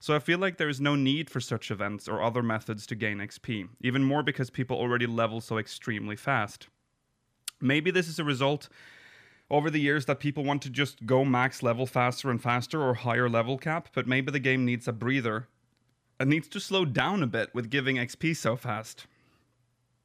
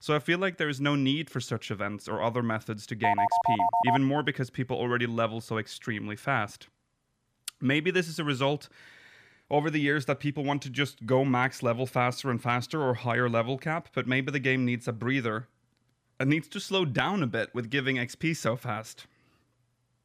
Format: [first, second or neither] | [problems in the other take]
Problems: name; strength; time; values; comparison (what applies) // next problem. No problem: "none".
first | phone ringing; loud; at 3 s; peak 4 dB above the speech